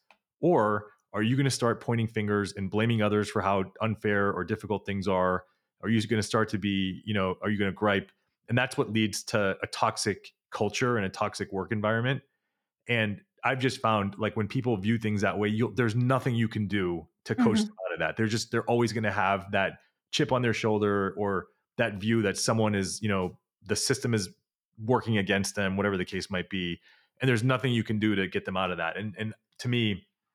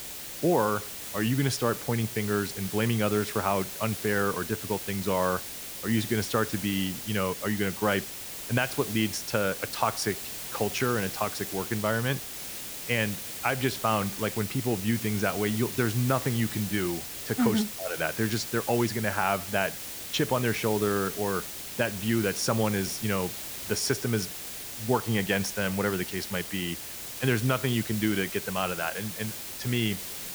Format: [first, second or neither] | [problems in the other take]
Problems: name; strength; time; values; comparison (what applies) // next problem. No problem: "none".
first | hiss; loud; throughout; 6 dB below the speech